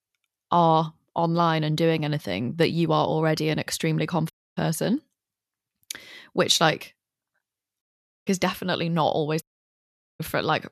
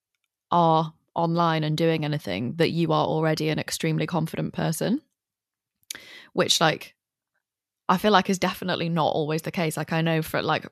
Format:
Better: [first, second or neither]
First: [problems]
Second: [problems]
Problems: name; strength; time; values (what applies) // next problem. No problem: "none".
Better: second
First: audio cutting out; at 4.5 s, at 8 s and at 9.5 s for 1 s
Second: none